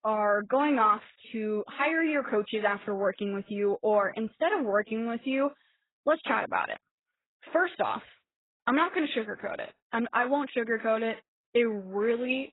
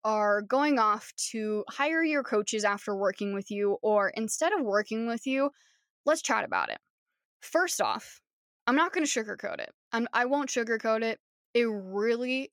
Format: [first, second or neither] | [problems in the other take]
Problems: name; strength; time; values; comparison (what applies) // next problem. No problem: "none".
second | garbled, watery; badly; nothing above 4 kHz